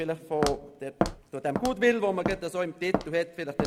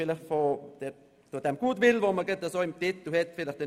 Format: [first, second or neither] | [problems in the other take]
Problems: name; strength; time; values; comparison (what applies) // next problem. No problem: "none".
second | background sound (Walk, footsteps); 4 dB below the speech